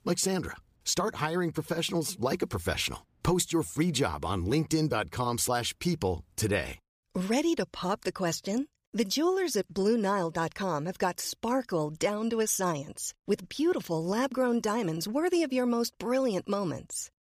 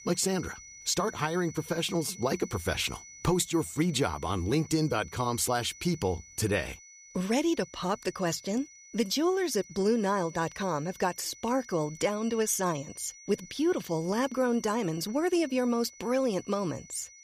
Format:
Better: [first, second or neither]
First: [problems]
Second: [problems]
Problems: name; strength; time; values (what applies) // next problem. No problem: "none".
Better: first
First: none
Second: high-pitched whine; noticeable; throughout; 6 kHz, 20 dB below the speech